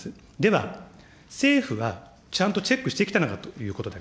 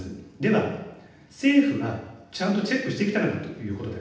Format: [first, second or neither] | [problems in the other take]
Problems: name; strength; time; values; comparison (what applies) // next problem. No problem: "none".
first | room echo; dies away in 0.8 s